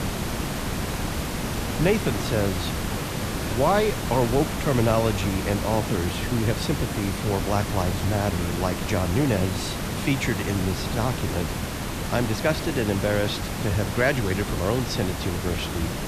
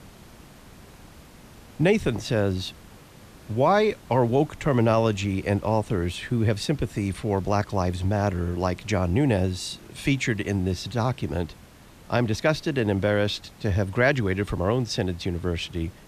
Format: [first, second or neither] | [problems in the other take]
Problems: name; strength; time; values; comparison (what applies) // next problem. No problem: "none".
second | hiss; loud; throughout; 3 dB below the speech; faint in the second